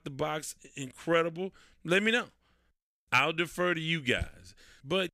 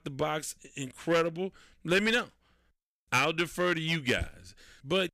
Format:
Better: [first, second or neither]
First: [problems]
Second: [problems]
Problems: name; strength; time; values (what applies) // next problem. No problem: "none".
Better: first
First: none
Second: distortion; slight; 2% of the sound clipped